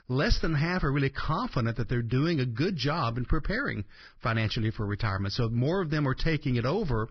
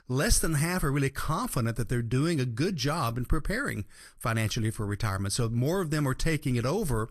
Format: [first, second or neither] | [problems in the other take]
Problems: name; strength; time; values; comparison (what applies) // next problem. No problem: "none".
second | garbled, watery; badly; nothing above 5.5 kHz; slightly in the second